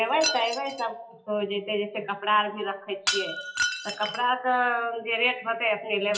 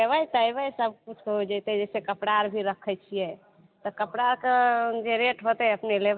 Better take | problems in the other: second | noise reduction (classical method WPE with log-MMSE)

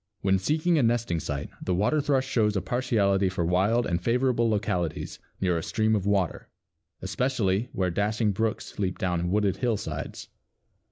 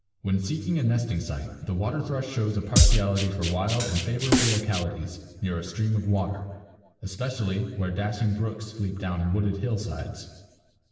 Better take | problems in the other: first | background sound (Drum kit); 4 dB above the speech // room echo; dies away in 1.3 s

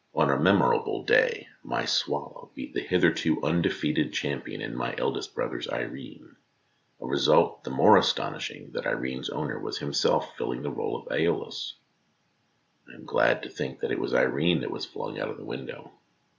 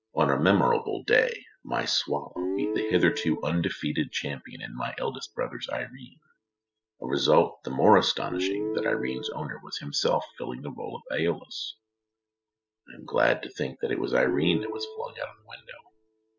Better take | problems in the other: first | noise reduction (classical method spectral subtraction)

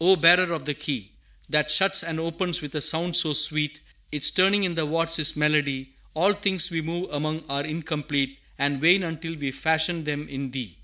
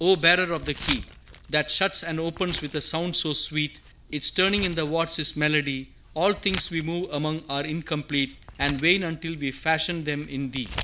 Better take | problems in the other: first | background sound (Keys jangling); 14 dB below the speech

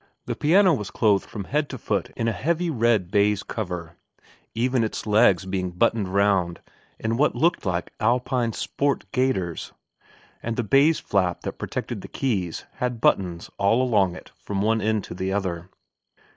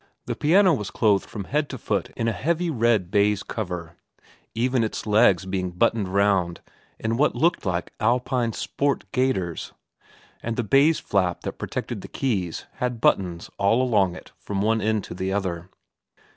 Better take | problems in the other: second | noise reduction (neural mask model Resemble Enhance denoiser)

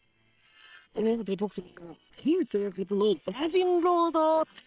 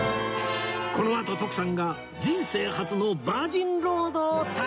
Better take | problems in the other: second | noise reduction (neural separator model SepFormer WHAM!)

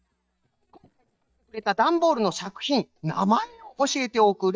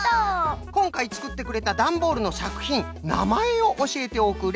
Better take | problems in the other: second | noise reduction (neural mask model DeepFilterNet 3)

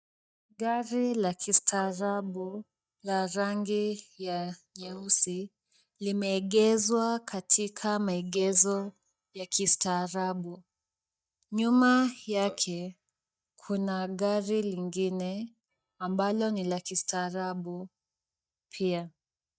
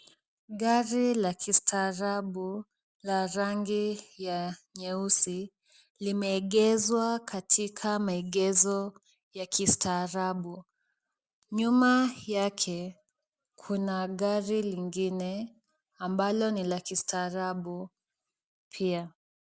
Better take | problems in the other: second | noise reduction (neural mask model DeepFilterNet 3)

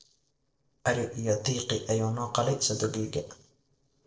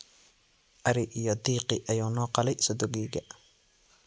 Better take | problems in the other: second | noise reduction (neural separator model SepFormer DNS4)

